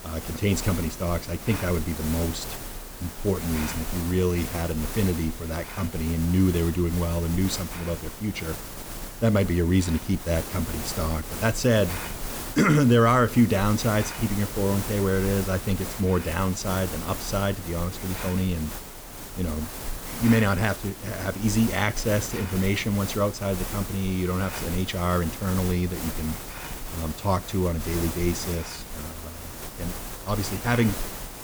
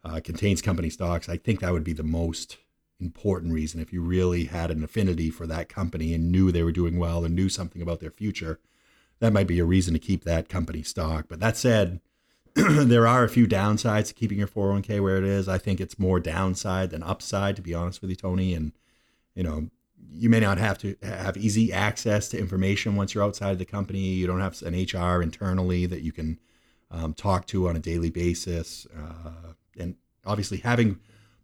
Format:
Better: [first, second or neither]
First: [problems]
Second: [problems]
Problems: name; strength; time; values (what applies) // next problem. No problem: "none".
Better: second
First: hiss; loud; throughout; 8 dB below the speech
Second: none